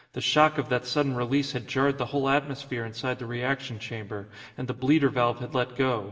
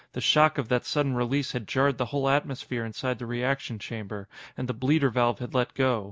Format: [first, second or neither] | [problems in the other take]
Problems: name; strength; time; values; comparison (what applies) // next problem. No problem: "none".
second | room echo; dies away in 1.8 s